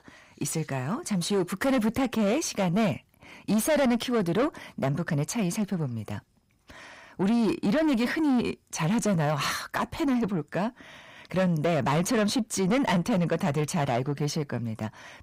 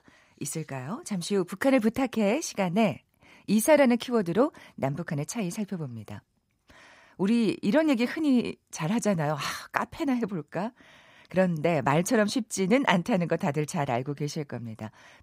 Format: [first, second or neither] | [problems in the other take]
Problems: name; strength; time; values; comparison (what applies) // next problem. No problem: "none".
second | distortion; heavy; 7 dB below the speech